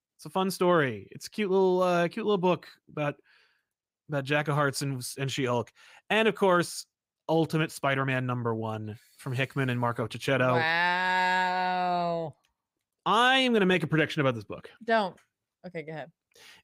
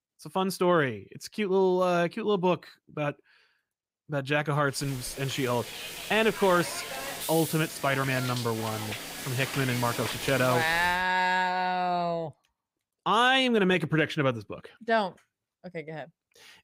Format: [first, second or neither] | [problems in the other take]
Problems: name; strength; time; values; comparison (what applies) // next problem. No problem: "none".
first | hiss; loud; from 5 to 11 s; 8 dB below the speech